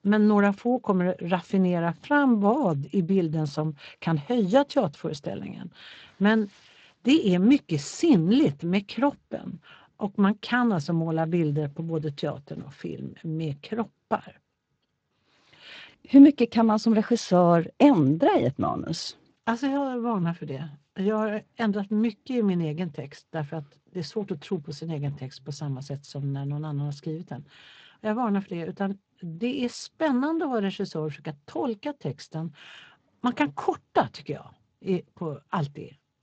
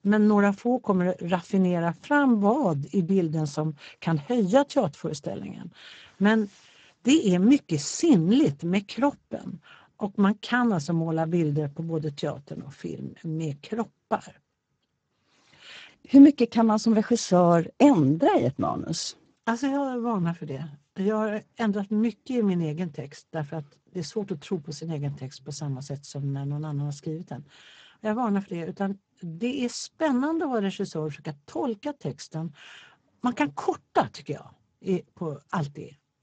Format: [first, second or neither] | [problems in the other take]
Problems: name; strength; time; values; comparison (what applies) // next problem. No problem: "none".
first | garbled, watery; badly; nothing above 7.5 kHz; slightly in the first